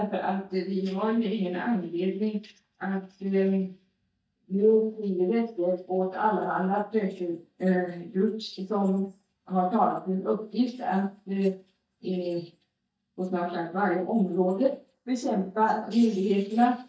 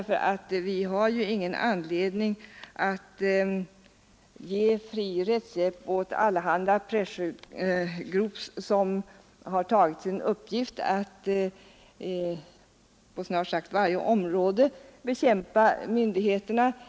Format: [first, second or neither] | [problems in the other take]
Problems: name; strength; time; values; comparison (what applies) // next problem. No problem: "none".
second | noise reduction (neural mask model DeepFilterNet 3)